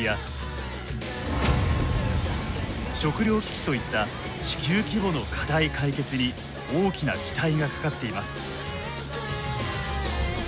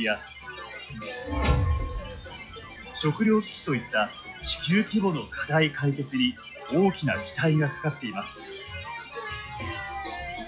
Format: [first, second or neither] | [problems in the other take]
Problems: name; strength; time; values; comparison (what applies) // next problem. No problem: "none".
first | noise reduction (classical method log-MMSE)